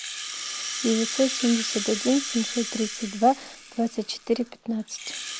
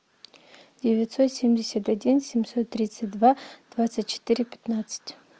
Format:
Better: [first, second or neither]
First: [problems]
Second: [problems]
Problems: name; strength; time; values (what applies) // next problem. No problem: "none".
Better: second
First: background sound (Rattle (instrument)); 7 dB below the speech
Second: none